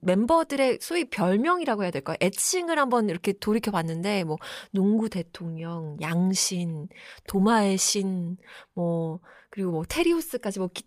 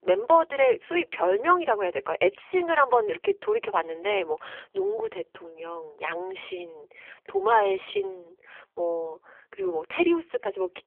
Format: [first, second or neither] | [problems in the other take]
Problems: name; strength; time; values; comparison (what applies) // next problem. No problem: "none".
first | phone-call audio; poor line; nothing above 3.5 kHz